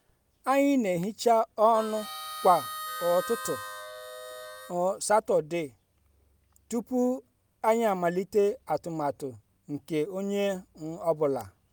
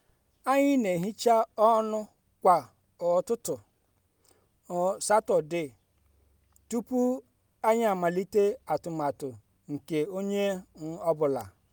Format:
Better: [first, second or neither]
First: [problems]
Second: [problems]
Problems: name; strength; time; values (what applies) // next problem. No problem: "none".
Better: second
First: background sound (Harmonica); 10 dB below the speech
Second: none